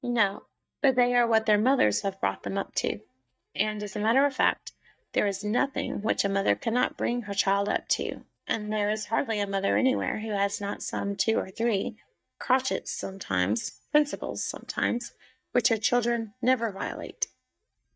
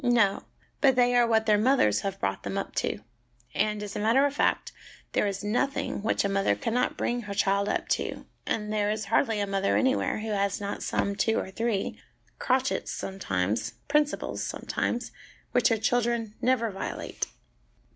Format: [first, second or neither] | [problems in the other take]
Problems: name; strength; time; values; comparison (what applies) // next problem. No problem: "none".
second | noise reduction (neural mask model DeepFilterNet 3)